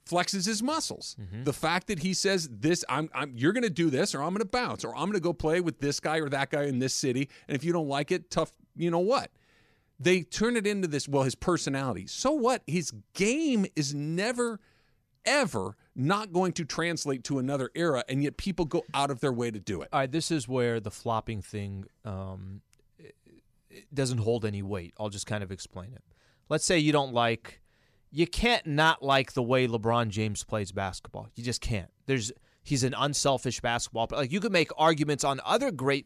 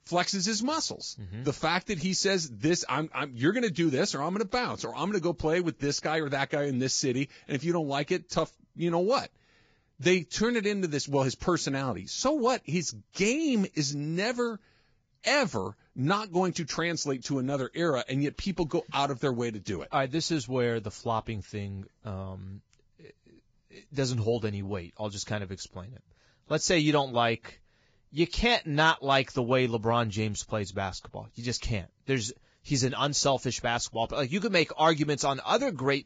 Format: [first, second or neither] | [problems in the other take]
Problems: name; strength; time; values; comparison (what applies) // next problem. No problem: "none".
first | garbled, watery; badly; nothing above 7.5 kHz